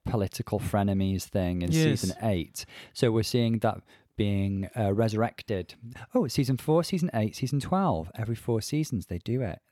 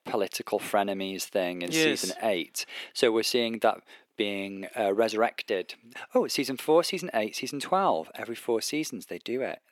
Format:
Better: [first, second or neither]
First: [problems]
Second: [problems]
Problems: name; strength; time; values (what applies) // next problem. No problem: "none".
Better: first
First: none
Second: thin; somewhat; fading below 350 Hz